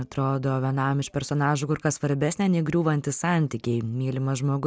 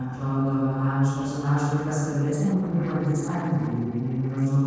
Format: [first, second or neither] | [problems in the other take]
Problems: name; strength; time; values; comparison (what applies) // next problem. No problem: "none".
first | noise reduction (neural separator model SepFormer DNS4)